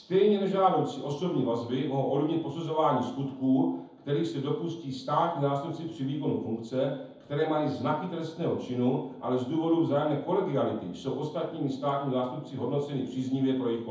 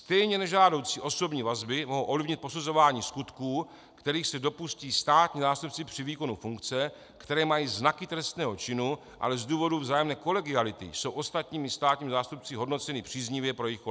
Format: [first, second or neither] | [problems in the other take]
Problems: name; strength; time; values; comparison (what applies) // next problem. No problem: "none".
second | room echo; dies away in 0.7 s